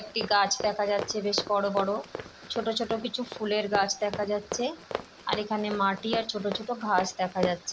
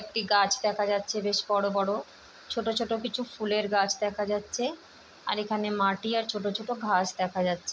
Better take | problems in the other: second | background sound (Run); 9 dB below the speech

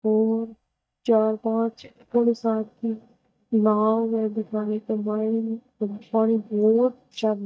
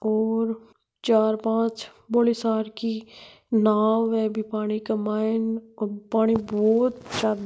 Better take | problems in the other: second | noise reduction (neural mask model DeepFilterNet 3)

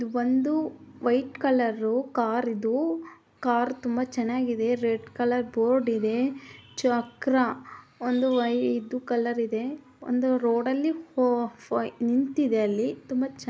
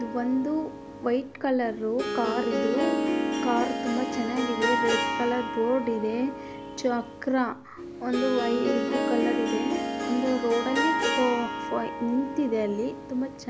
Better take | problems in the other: first | background sound (Harp); 2 dB below the speech

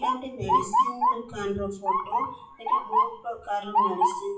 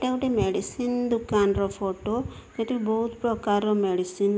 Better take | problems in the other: second | noise reduction (classical method WPE with log-MMSE)

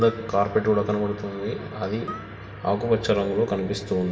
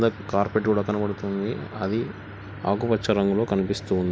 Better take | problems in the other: second | background sound (Harp); 20 dB below the speech // room echo; dies away in 1.2 s

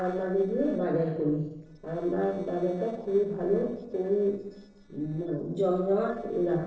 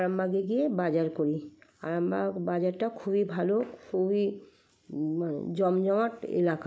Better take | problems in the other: second | noise reduction (neural separator model SepFormer DNS4)

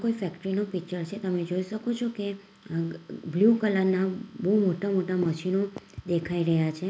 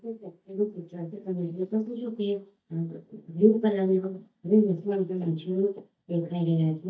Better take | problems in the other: first | noise reduction (neural mask model DeepFilterNet 3)

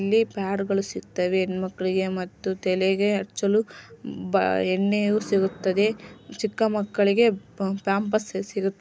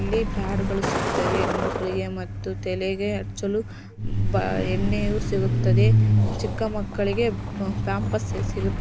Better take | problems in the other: first | background sound (Truck); 4 dB above the speech

